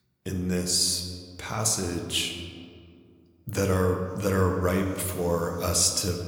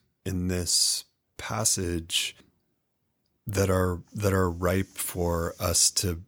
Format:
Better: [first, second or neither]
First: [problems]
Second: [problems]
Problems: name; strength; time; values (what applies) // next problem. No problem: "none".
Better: second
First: room echo; slight; dies away in 1.6 s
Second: none